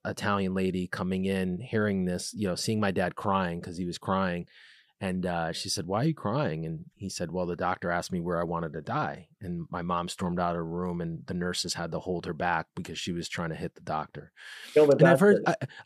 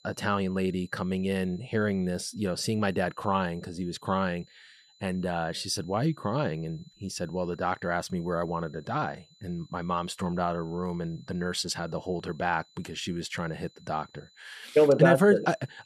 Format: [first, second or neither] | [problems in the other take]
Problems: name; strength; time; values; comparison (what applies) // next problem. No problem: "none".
first | high-pitched whine; faint; throughout; 4 kHz, 30 dB below the speech